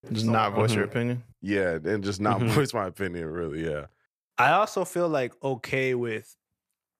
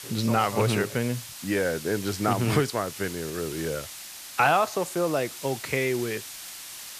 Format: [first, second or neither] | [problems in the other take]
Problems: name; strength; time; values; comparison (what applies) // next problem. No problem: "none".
first | hiss; noticeable; throughout; 10 dB below the speech